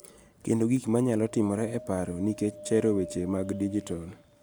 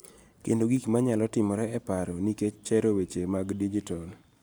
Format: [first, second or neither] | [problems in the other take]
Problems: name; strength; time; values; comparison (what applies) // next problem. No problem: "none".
second | background sound (Wind); 18 dB below the speech